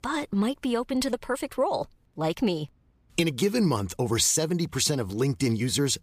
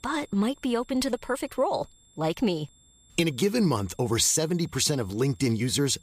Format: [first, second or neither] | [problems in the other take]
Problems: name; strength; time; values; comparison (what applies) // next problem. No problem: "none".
first | high-pitched whine; faint; throughout; 7.5 kHz, 30 dB below the speech